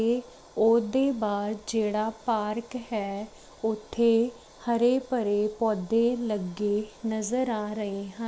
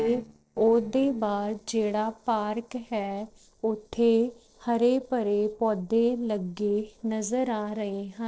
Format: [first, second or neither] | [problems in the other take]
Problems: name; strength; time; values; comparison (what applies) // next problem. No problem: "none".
first | noise reduction (neural separator model SepFormer DNS4)